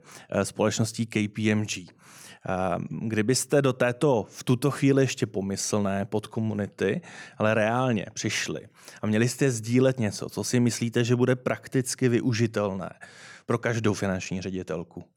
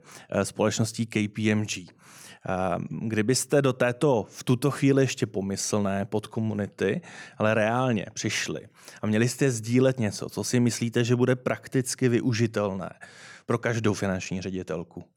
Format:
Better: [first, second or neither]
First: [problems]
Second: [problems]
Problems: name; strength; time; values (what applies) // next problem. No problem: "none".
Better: neither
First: none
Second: none